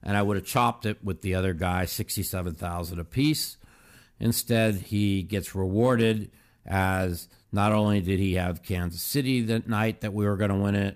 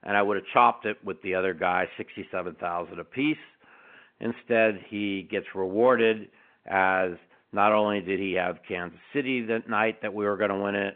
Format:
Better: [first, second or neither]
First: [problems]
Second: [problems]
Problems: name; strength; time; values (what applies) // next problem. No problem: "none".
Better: first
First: none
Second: phone-call audio